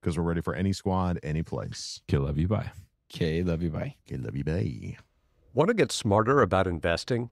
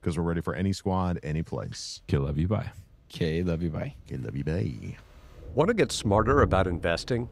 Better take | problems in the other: first | rain or running water; loud; throughout; 9 dB below the speech; faint in the first

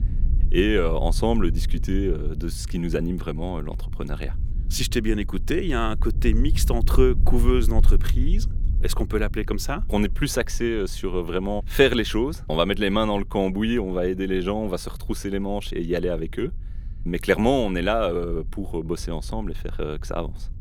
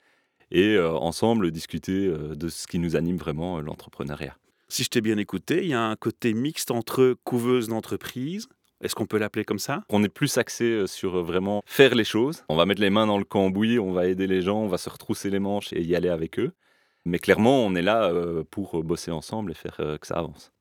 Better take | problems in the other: second | low rumble; faint; throughout; 20 dB below the speech

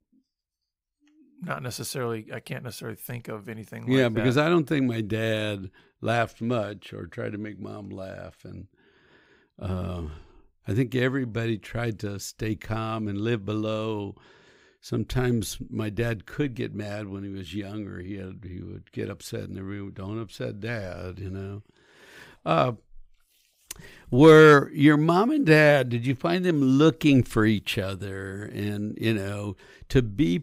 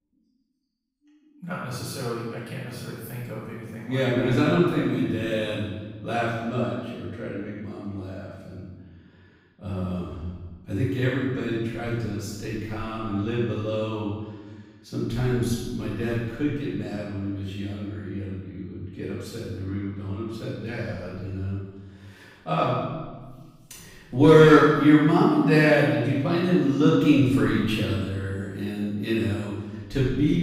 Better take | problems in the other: first | off-mic speech; far // room echo; strong; dies away in 1.2 s

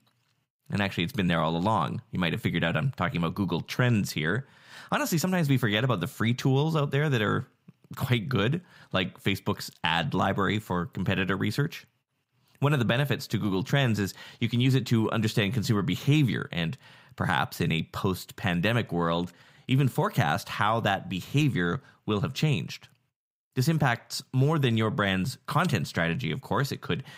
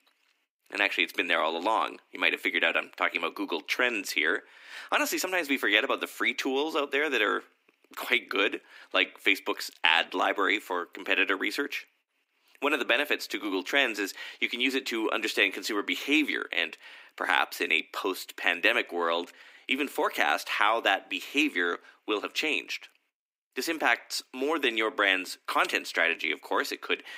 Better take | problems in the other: first | thin; somewhat; fading below 300 Hz

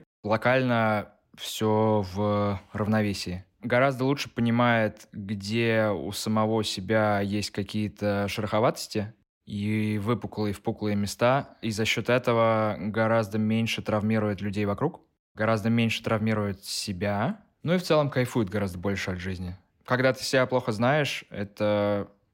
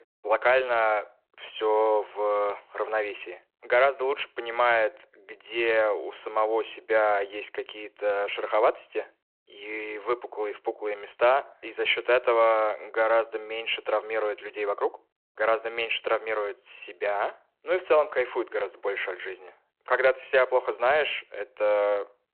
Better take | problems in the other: first | phone-call audio

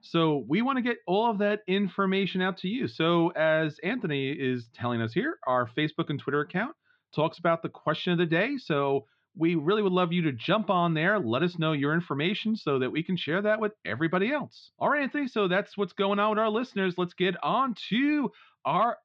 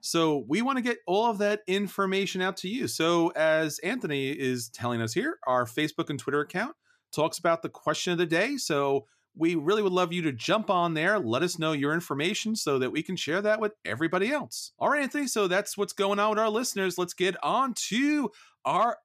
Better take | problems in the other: second | muffled; very; fading above 4 kHz

